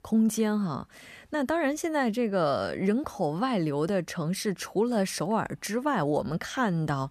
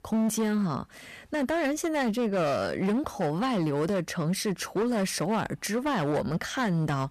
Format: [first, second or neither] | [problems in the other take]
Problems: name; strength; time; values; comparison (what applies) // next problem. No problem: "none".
first | distortion; slight; 16% of the sound clipped